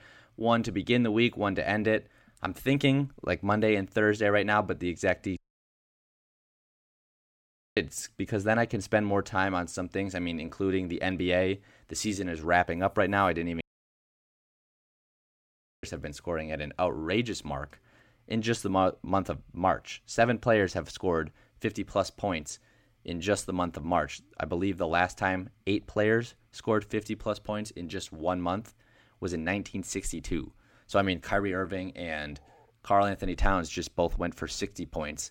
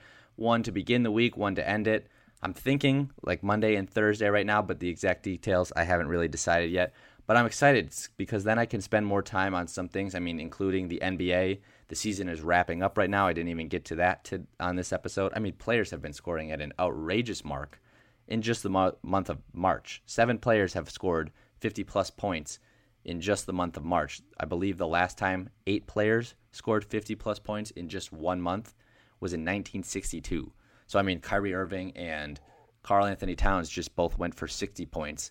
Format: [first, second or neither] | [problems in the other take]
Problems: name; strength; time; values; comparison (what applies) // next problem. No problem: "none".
second | audio cutting out; at 5.5 s for 2.5 s and at 14 s for 2 s